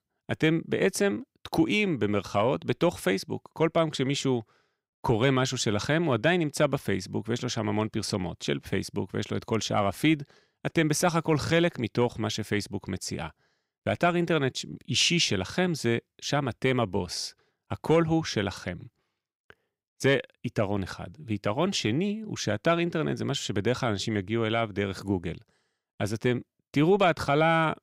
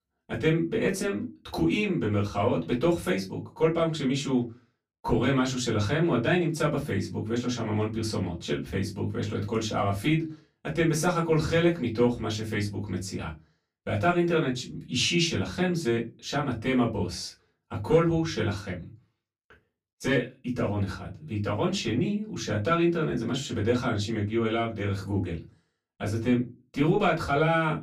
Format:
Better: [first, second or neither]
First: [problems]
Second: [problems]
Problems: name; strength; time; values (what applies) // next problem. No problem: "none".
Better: first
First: none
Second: off-mic speech; far // room echo; very slight; dies away in 0.2 s